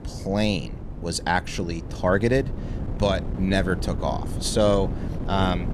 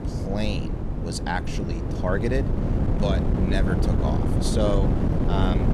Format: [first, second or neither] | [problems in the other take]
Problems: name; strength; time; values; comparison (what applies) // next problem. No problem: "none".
first | wind noise on the microphone; heavy; 2 dB below the speech; occasional gusts in the first